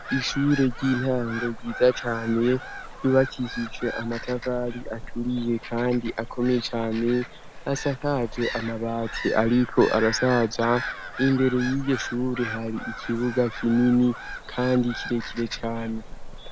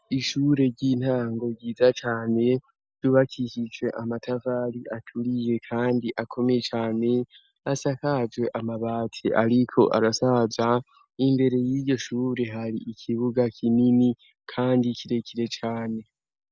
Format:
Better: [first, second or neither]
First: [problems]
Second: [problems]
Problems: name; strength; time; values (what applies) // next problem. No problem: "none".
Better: second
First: background sound (Gull, seagull / Bird vocalization, bird call, bird song); 10 dB below the speech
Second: none